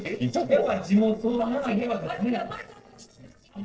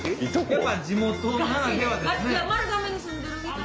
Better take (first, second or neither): second